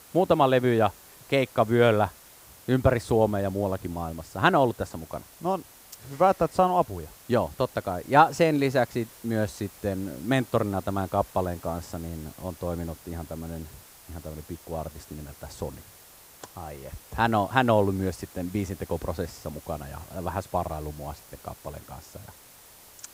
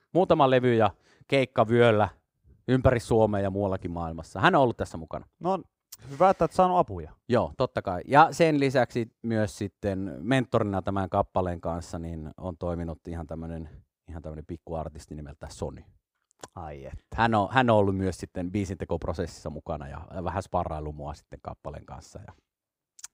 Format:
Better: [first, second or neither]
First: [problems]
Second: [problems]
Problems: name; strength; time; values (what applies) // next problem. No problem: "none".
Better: second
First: hiss; faint; throughout; 20 dB below the speech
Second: none